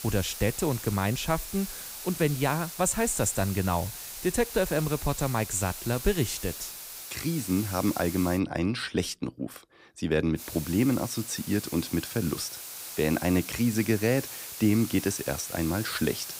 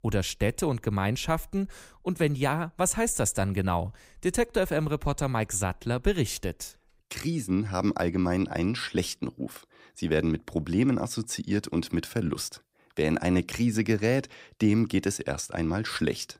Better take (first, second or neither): second